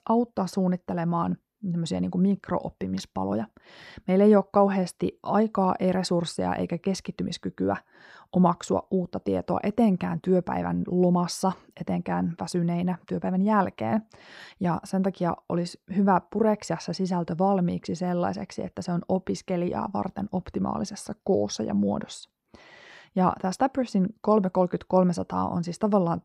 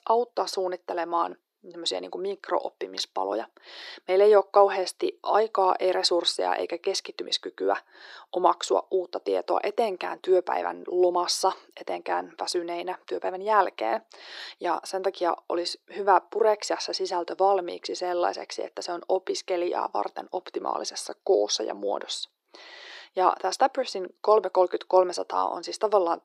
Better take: first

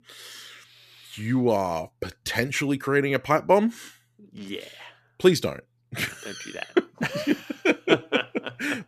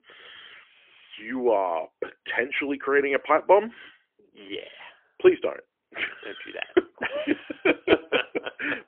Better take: first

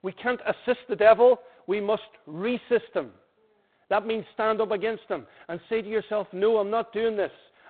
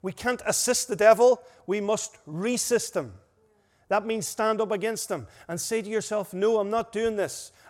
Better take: second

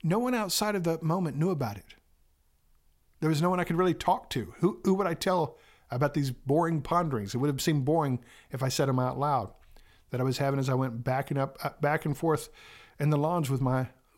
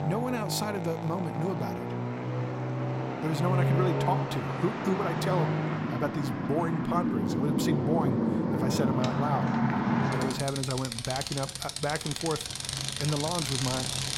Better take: first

